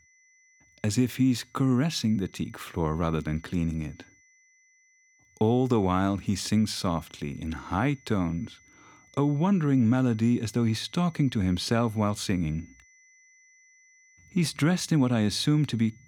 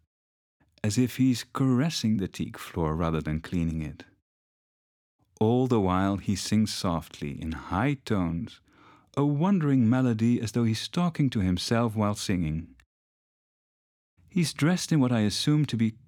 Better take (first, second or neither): second